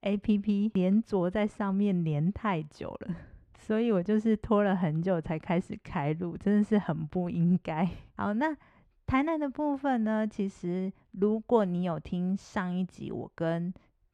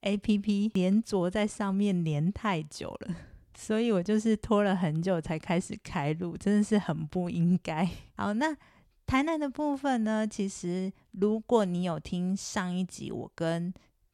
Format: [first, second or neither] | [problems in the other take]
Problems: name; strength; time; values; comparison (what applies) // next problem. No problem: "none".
second | muffled; slightly; fading above 3.5 kHz